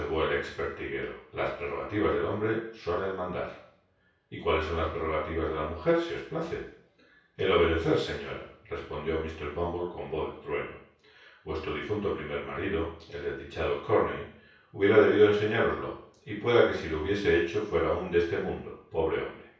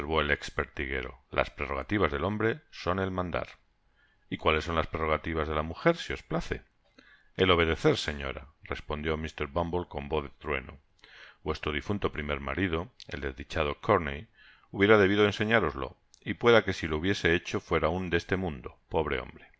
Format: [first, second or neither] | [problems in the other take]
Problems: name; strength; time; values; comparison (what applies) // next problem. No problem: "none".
second | room echo; dies away in 0.6 s